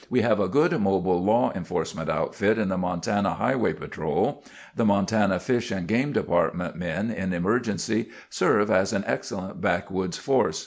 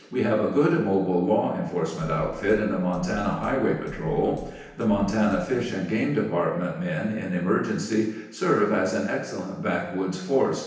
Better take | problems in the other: first | background sound (Drum kit); 18 dB below the speech // room echo; dies away in 0.9 s

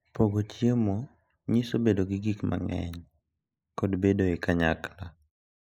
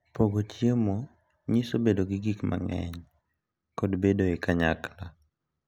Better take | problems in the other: second | noise reduction (neural mask model Resemble Enhance denoiser)

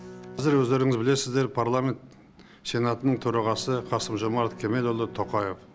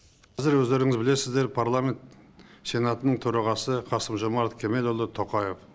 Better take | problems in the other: second | background sound (Bowed string instrument); 18 dB below the speech

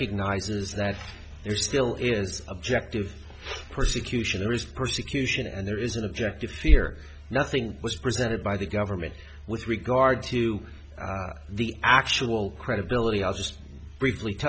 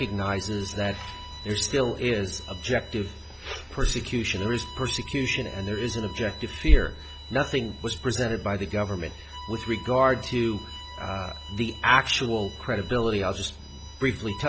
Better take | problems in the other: first | background sound (Bowed string instrument); 17 dB below the speech

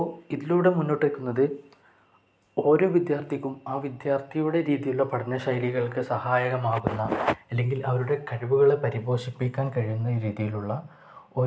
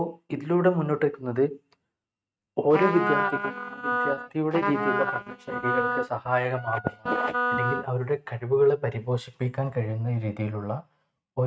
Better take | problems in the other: first | noise reduction (neural mask model RNNoise)

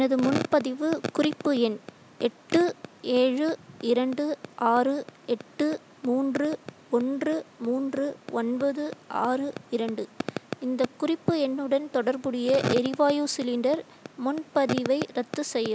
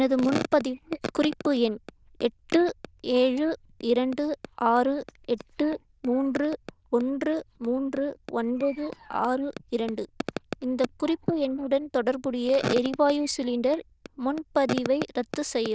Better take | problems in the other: first | noise reduction (neural diffusion model UNIVERSE++)

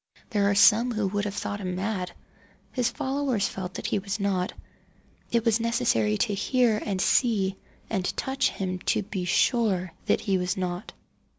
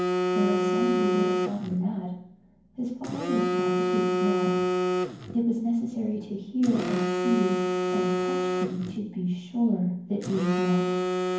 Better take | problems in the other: first | background sound (Telephone); 1 dB above the speech // room echo; dies away in 0.9 s

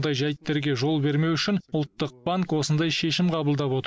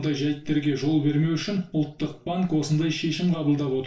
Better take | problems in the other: first | room echo; dies away in 0.3 s

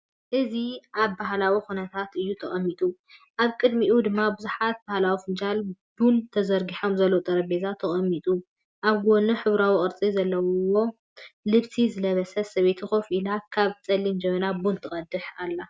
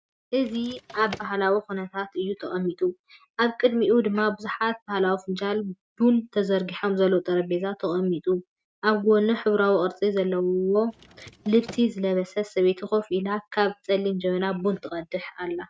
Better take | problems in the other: first | noise reduction (neural mask model RNNoise)

